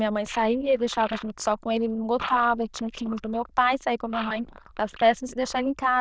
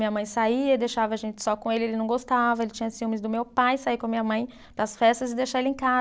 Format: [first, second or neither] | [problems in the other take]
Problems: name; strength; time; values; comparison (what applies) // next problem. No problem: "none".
second | noise reduction (neural diffusion model UNIVERSE++)